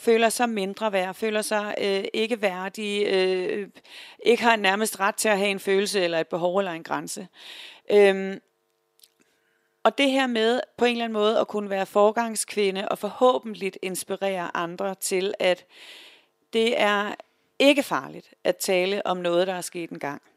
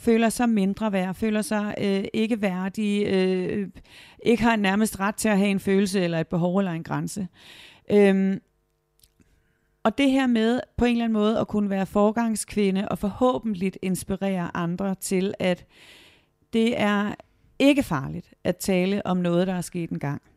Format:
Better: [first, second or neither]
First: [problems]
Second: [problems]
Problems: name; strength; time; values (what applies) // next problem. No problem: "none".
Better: second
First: thin; somewhat; fading below 450 Hz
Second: none